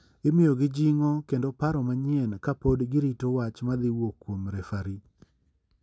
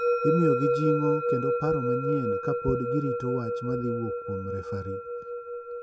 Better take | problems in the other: first | background sound (Musical instrument); 2 dB above the speech

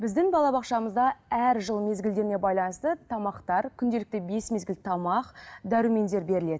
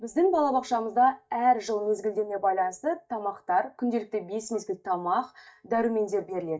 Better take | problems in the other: first | noise reduction (neural mask model DeepFilterNet 3)

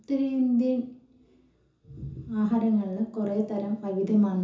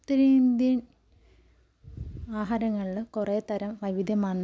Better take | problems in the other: second | room echo; dies away in 0.7 s

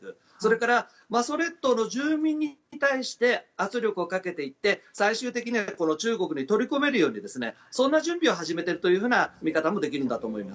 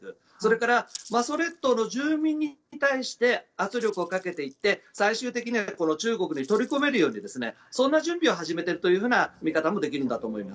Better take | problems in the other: first | noise reduction (neural separator model SepFormer DNS4)

